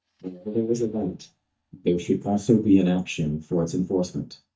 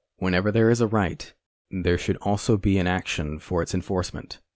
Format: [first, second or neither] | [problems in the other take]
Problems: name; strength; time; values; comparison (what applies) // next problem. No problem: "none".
second | noise reduction (neural mask model DeepFilterNet 3)